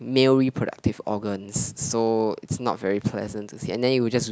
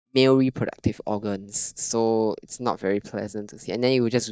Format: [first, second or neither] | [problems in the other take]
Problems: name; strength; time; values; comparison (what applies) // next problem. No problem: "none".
first | noise reduction (neural mask model DeepFilterNet 3)